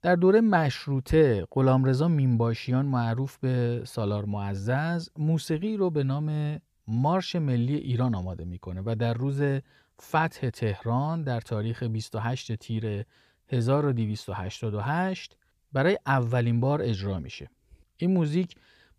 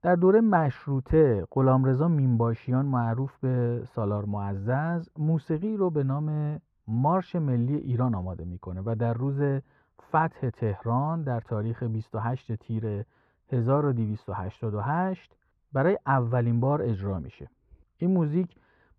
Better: first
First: none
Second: muffled; very; fading above 2.5 kHz

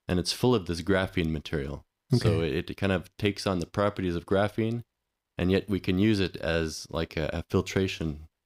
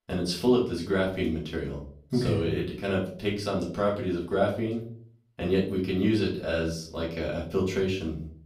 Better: first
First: none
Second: off-mic speech; far // room echo; slight; dies away in 0.4 s

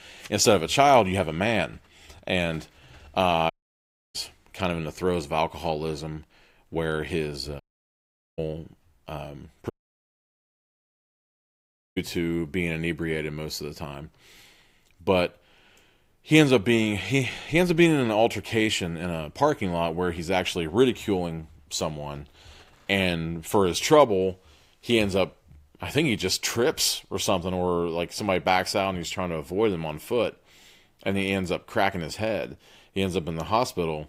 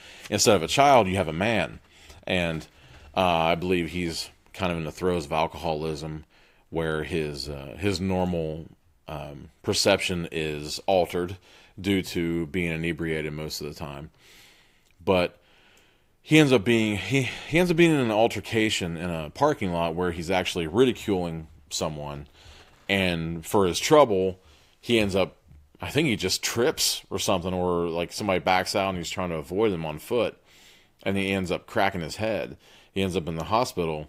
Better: second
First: audio cutting out; at 3.5 s for 0.5 s, at 7.5 s for 1 s and at 9.5 s for 2.5 s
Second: none

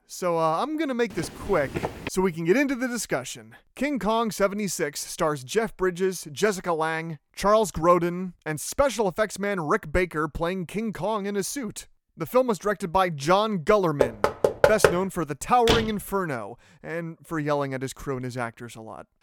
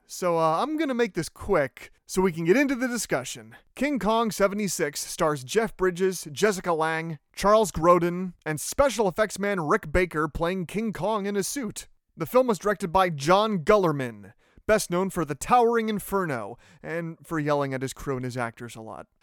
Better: second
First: footsteps; noticeable; at 1 s; peak 6 dB below the speech // door banging; loud; at 14 s and at 16 s; peak 6 dB above the speech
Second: none

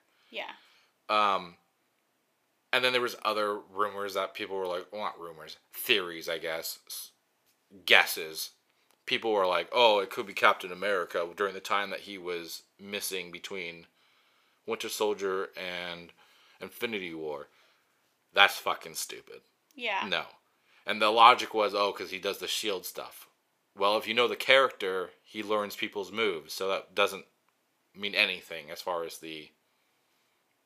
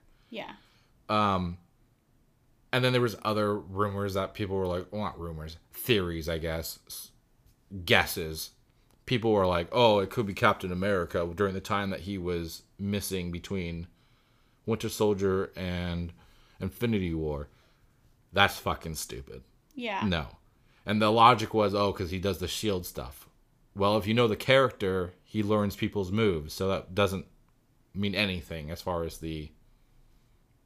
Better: second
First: thin; very; fading below 450 Hz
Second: none

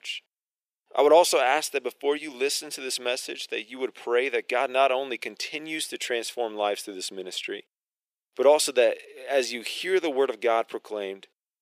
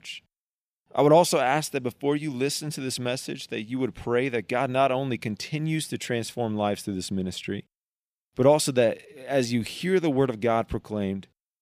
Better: second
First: thin; somewhat; fading below 400 Hz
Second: none

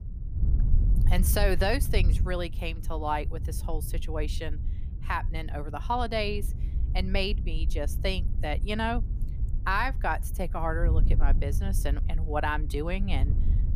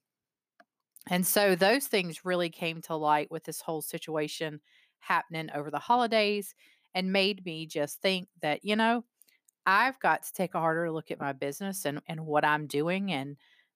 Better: second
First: wind noise on the microphone; occasional gusts; 15 dB below the speech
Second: none

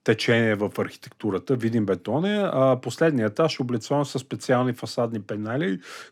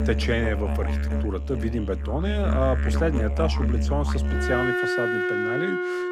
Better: first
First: none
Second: background music; very loud; throughout; 3 dB above the speech

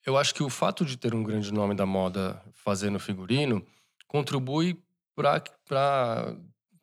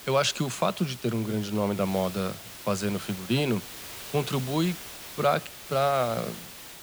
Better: first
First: none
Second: hiss; noticeable; throughout; 10 dB below the speech

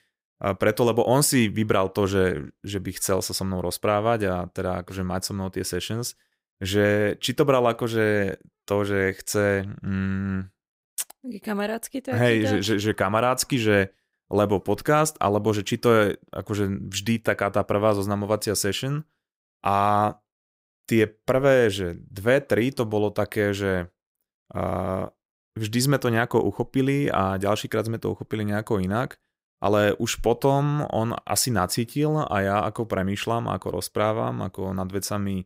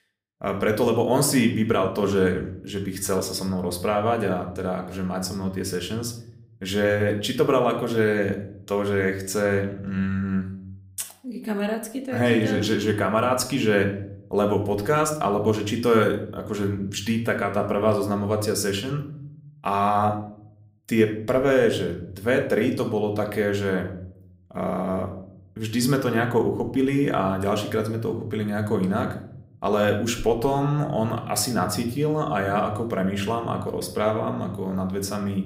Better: first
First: none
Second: room echo; slight; dies away in 0.5 s

